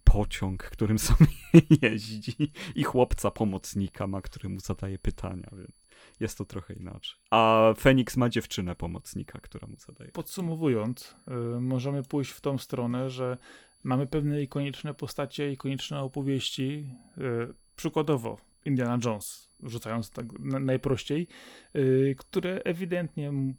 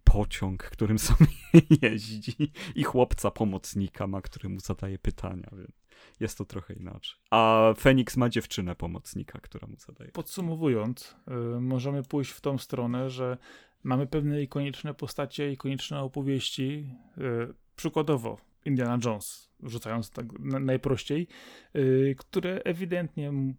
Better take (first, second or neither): second